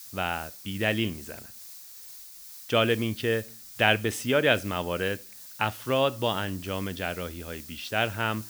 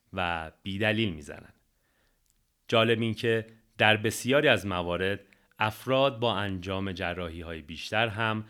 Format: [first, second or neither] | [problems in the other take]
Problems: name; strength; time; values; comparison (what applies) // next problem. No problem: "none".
second | hiss; noticeable; throughout; 15 dB below the speech